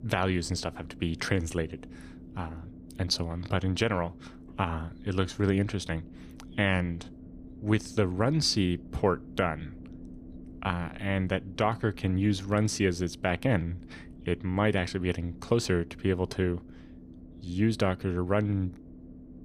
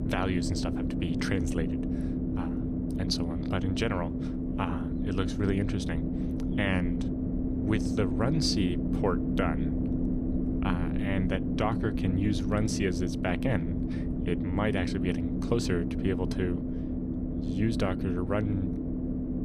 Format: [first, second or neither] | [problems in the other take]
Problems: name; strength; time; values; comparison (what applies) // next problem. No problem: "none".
first | low rumble; loud; throughout; 3 dB below the speech; faint in the first